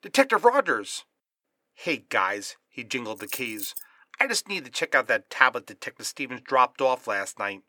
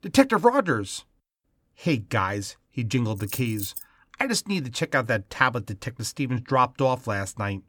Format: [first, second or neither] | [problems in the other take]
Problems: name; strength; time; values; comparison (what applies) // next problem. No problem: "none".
second | thin; somewhat; fading below 450 Hz